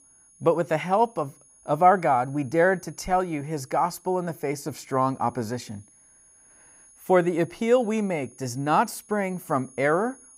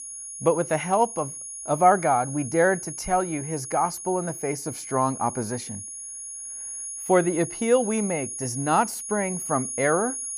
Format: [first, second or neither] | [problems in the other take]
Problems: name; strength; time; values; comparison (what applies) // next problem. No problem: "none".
first | high-pitched whine; loud; throughout; 10.5 kHz, 8 dB below the speech; faint in the first